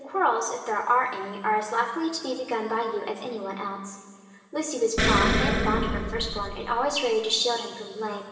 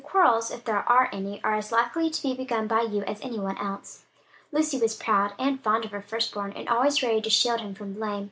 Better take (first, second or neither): second